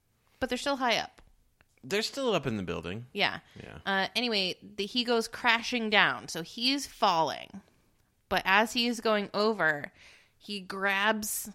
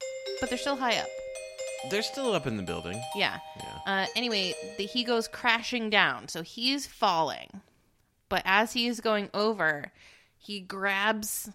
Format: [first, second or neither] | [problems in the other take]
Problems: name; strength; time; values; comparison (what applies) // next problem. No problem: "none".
first | doorbell; noticeable; until 5.5 s; peak 8 dB below the speech